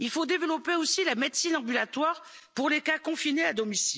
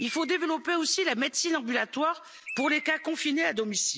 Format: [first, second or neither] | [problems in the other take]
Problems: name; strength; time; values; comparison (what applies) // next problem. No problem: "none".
first | background sound (Bird); 16 dB below the speech